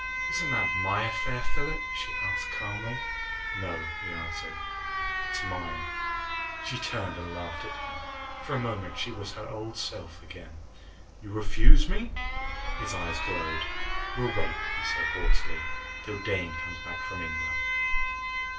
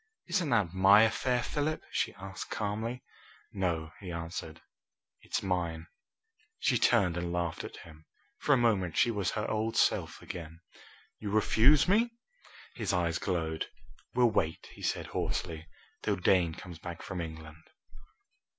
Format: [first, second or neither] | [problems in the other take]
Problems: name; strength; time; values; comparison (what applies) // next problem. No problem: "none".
second | background sound (Alarm); 6 dB below the speech // room echo; dies away in 0.3 s